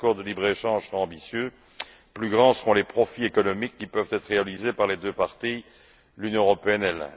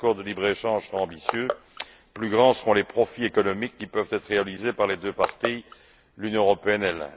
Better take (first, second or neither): first